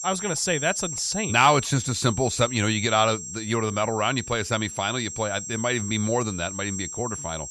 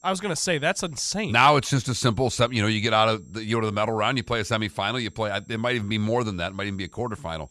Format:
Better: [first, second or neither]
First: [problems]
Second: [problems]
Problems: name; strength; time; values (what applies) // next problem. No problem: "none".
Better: second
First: high-pitched whine; loud; throughout; 7.5 kHz, 8 dB below the speech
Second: high-pitched whine; faint; throughout; 7.5 kHz, 35 dB below the speech